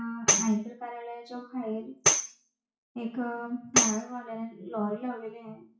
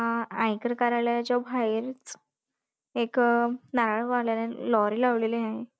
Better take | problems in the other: second | noise reduction (classical method WPE with log-MMSE)

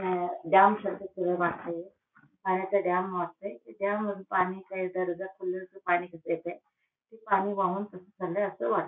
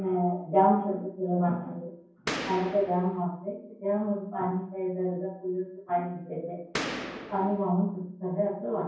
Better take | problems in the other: first | background sound (Boom); 7 dB below the speech // room echo; dies away in 0.9 s

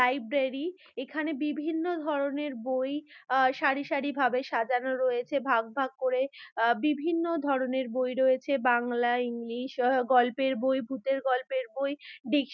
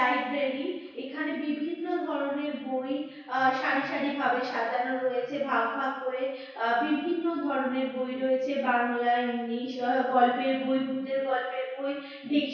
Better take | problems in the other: first | room echo; dies away in 1.1 s

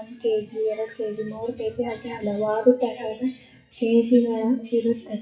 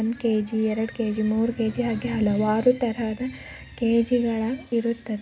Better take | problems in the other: second | noise reduction (classical method WPE with log-MMSE)

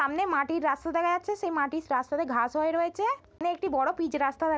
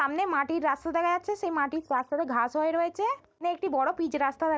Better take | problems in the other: first | noise reduction (neural mask model DeepFilterNet 3)

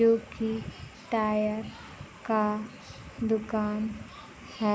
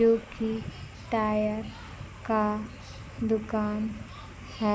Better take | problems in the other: first | background sound (Engine starting / Car); 17 dB below the speech

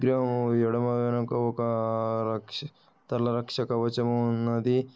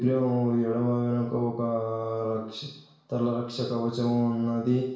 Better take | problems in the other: first | room echo; dies away in 0.7 s

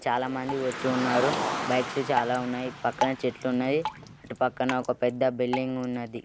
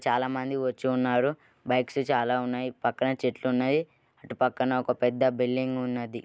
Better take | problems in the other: second | background sound (Drip + Car); 6 dB below the speech

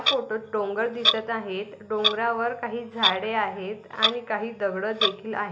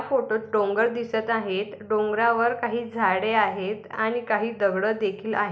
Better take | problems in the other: second | background sound (Clock); 1 dB below the speech

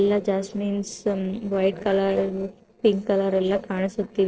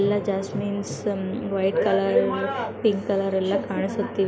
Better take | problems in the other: second | noise reduction (neural separator model SepFormer DNS4)

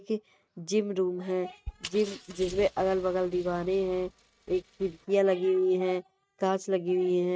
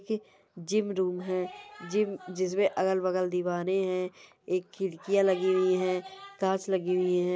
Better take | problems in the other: second | noise reduction (neural mask model RNNoise)

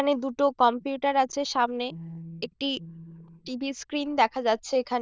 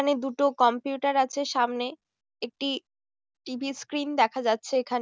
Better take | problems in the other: second | noise reduction (neural diffusion model UNIVERSE++)

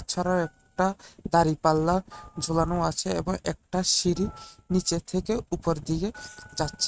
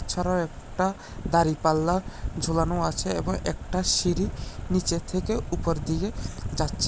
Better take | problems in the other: second | noise reduction (neural mask model RNNoise)

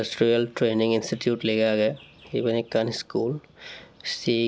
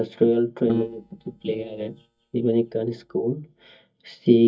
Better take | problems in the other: first | noise reduction (neural mask model DeepFilterNet 3)

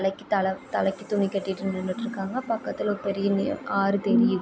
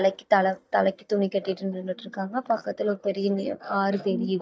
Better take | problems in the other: first | noise reduction (neural mask model DeepFilterNet 3)

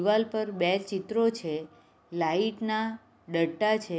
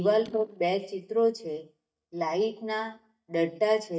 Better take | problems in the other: first | noise reduction (neural mask model DeepFilterNet 3)

